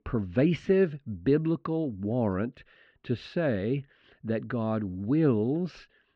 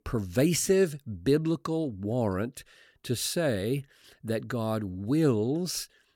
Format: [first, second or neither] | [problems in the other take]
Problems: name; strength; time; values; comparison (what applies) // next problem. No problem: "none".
second | muffled; very; fading above 3 kHz